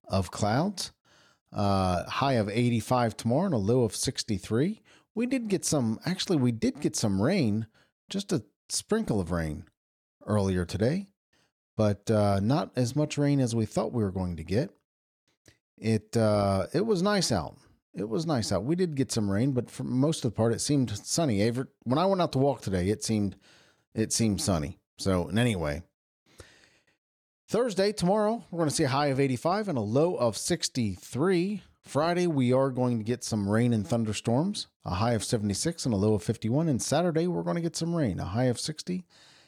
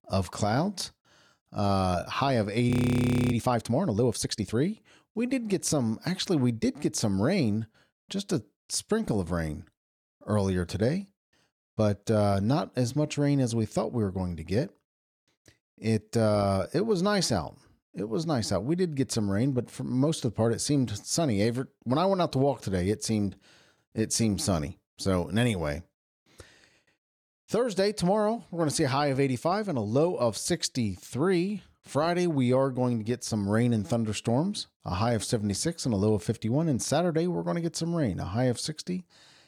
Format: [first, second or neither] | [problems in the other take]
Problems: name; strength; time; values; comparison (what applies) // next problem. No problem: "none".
first | audio freezing; at 2.5 s for 0.5 s